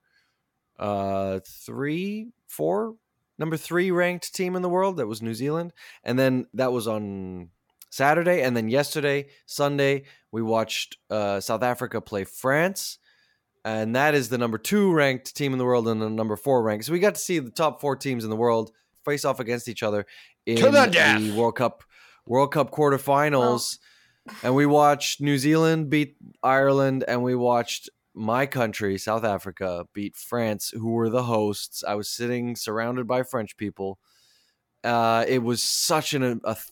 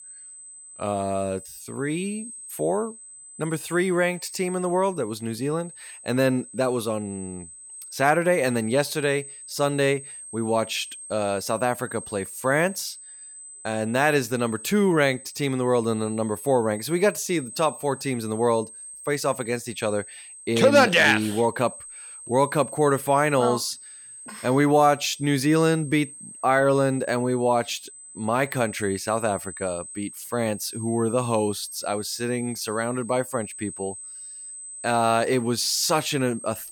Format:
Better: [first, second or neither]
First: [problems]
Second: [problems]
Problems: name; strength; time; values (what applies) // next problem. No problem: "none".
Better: first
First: none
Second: high-pitched whine; noticeable; throughout; 8 kHz, 15 dB below the speech